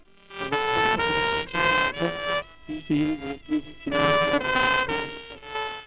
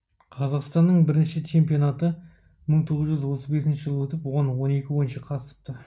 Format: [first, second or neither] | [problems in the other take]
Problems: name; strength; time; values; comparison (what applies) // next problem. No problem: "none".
second | noise reduction (neural separator model SepFormer WHAMR!)